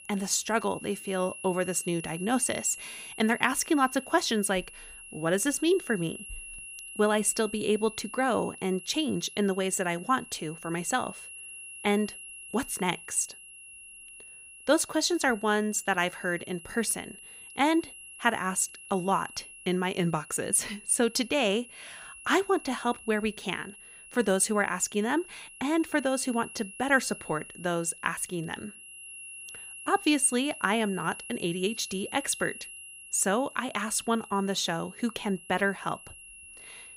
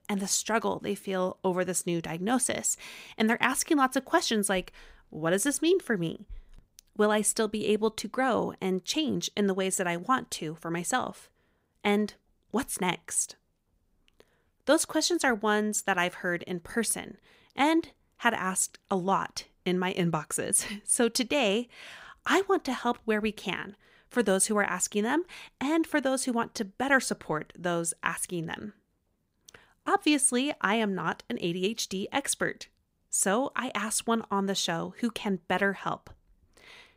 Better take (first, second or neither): second